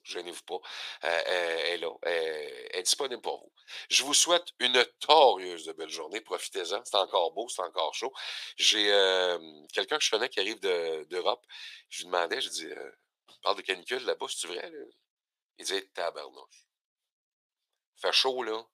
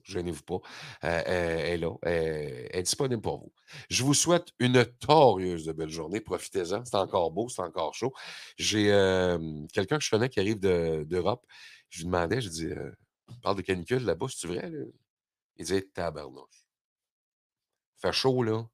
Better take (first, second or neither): second